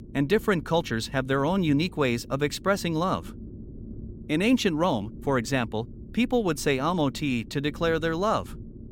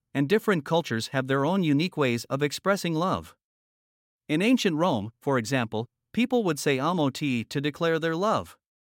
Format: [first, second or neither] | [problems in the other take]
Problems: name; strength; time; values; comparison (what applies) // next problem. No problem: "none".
second | low rumble; faint; throughout; 25 dB below the speech